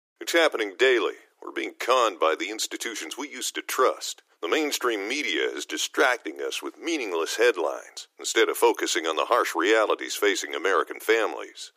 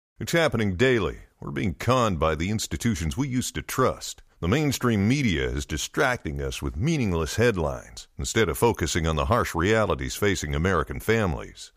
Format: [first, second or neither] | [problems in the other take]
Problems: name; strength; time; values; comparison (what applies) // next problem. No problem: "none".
second | thin; very; fading below 300 Hz